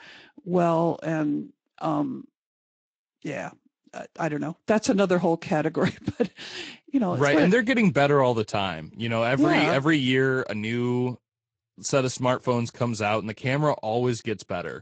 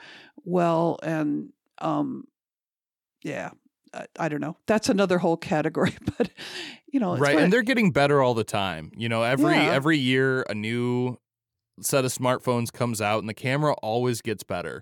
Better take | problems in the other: second | garbled, watery; slightly; nothing above 7.5 kHz

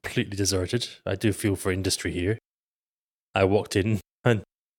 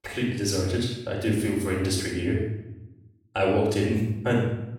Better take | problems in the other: first | off-mic speech; far // room echo; noticeable; dies away in 0.8 s

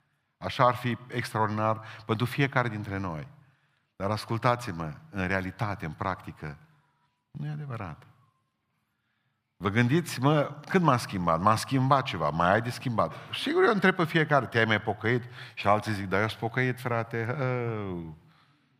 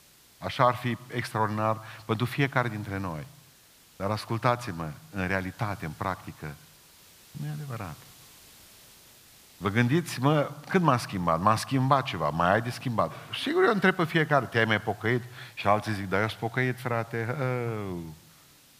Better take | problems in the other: first | hiss; faint; throughout; 25 dB below the speech

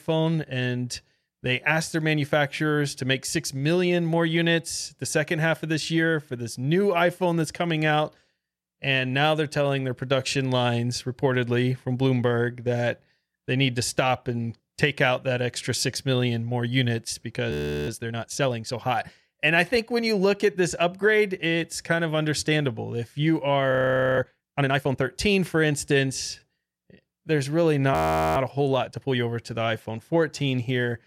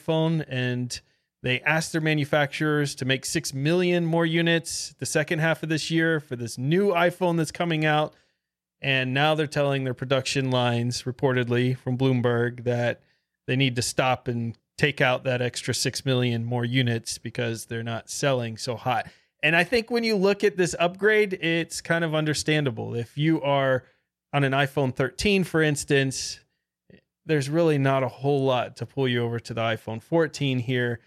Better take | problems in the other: second | audio freezing; at 18 s, at 24 s and at 28 s

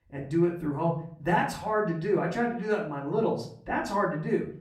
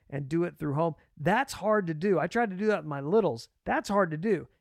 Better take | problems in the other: second | off-mic speech; far // room echo; slight; dies away in 0.5 s

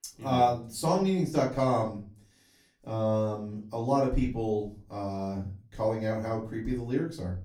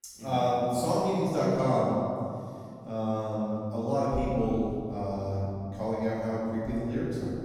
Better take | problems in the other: first | room echo; strong; dies away in 2.2 s; slight in the first // off-mic speech; far; far in the first

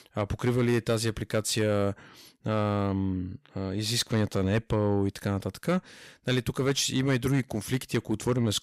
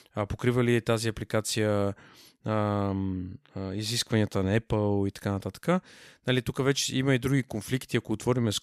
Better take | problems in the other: second | distortion; slight; 10 dB below the speech

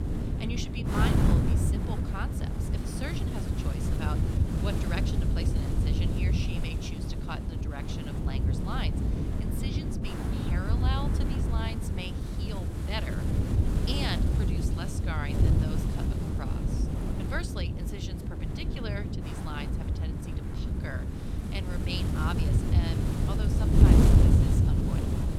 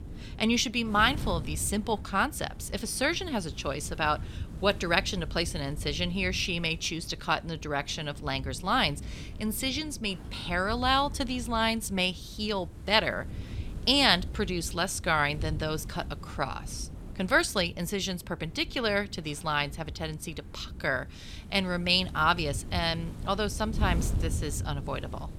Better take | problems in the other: second | wind noise on the microphone; heavy; 1 dB above the speech; occasional gusts in the second

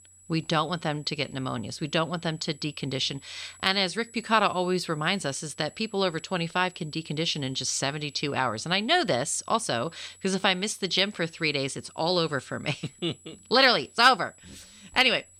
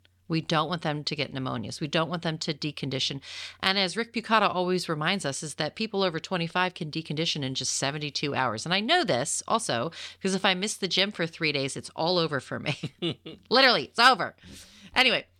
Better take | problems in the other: second | high-pitched whine; faint; throughout; 8 kHz, 25 dB below the speech

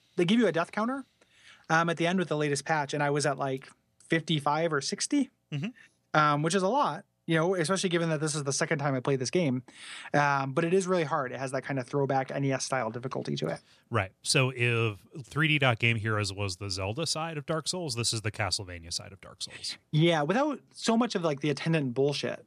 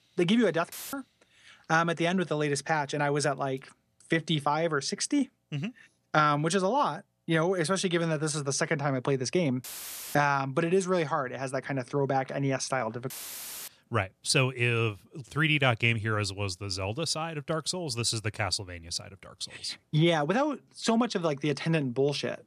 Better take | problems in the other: first | audio cutting out; filled with static; at 0.5 s, at 9.5 s for 0.5 s and at 13 s for 0.5 s

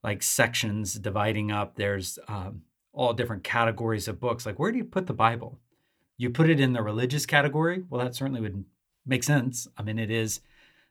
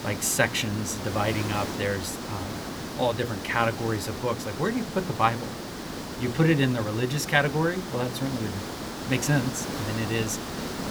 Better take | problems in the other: first | hiss; loud; throughout; 7 dB below the speech

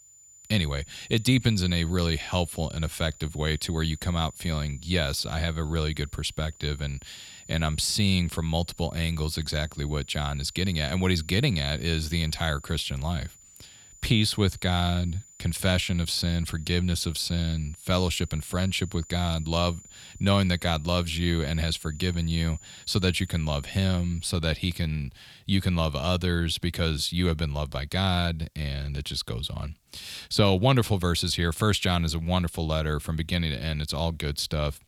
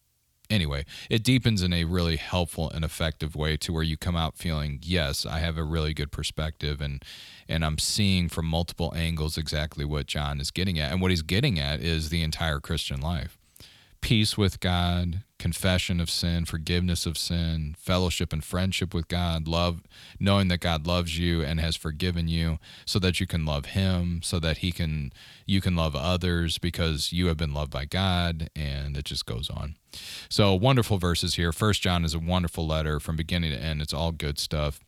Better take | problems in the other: second | high-pitched whine; faint; until 24 s; 7 kHz, 20 dB below the speech

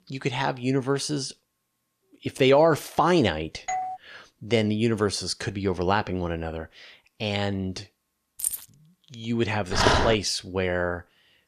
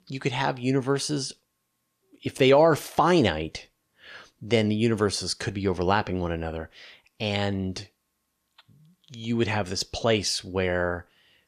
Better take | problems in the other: second | doorbell; noticeable; at 3.5 s; peak 5 dB below the speech // jangling keys; noticeable; at 8.5 s; peak 3 dB below the speech // dog barking; loud; at 9.5 s; peak 4 dB above the speech

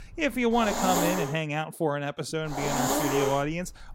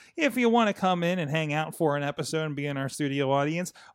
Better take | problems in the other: second | hiss; loud; until 1.5 s and from 2.5 s on; as loud as the speech

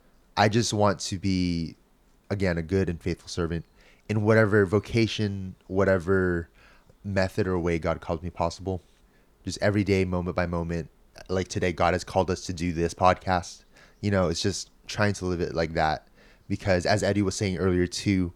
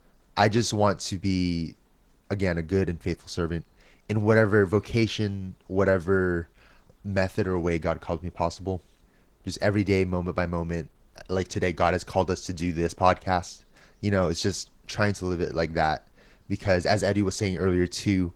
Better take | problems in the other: first | garbled, watery; slightly; nothing above 19.5 kHz

